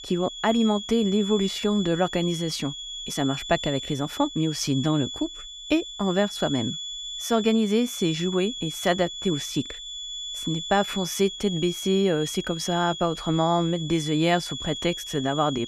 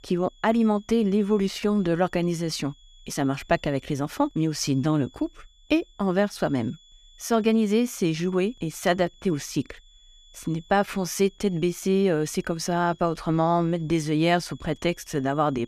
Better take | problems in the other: second | high-pitched whine; loud; throughout; 3.5 kHz, 8 dB below the speech; faint in the second

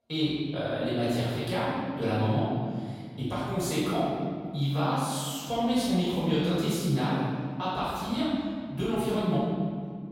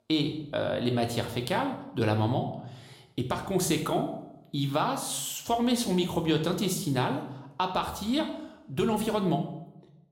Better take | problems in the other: second | room echo; strong; dies away in 2 s; slight in the second // off-mic speech; far

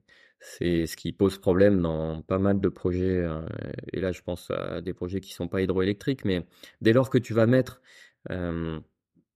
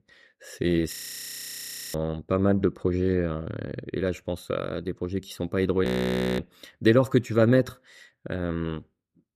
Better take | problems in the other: first | audio freezing; at 1 s for 1 s and at 6 s for 0.5 s

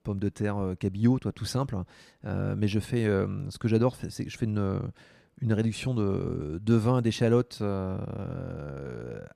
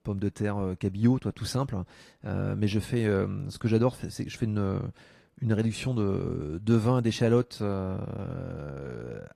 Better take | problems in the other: first | garbled, watery; slightly; nothing above 14.5 kHz

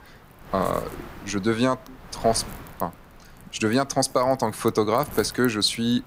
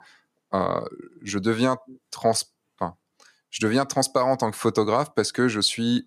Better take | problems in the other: second | wind noise on the microphone; occasional gusts; 20 dB below the speech

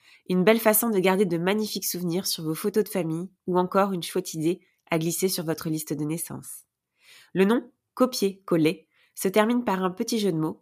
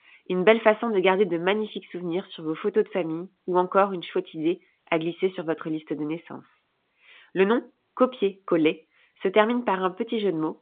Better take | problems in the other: first | phone-call audio; nothing above 3 kHz

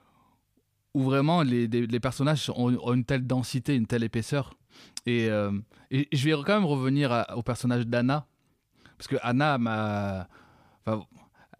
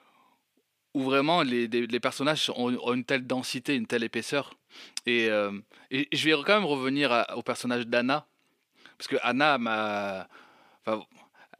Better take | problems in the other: first | thin; very slightly; fading below 350 Hz

